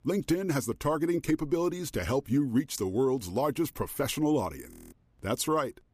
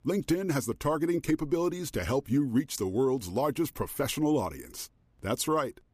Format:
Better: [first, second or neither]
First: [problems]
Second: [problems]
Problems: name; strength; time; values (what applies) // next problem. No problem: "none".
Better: second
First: audio freezing; at 4.5 s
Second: none